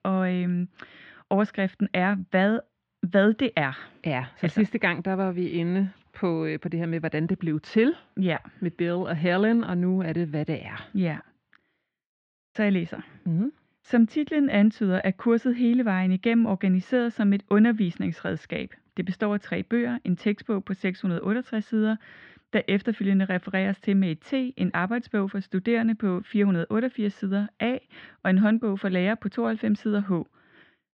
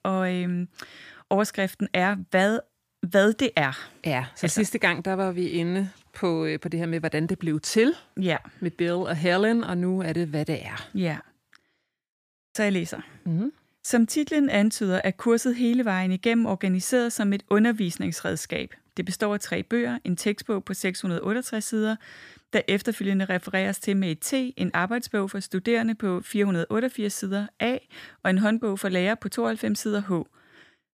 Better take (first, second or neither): second